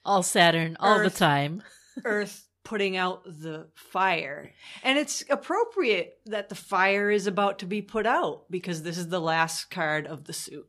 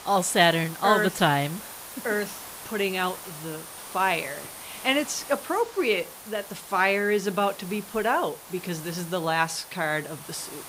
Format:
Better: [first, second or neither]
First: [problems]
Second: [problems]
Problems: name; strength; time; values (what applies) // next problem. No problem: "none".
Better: first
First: none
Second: hiss; noticeable; throughout; 15 dB below the speech